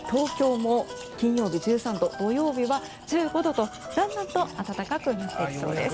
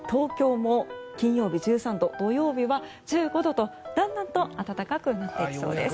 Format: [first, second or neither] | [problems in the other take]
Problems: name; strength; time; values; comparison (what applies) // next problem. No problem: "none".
second | background sound (Domestic sounds, home sounds); 17 dB below the speech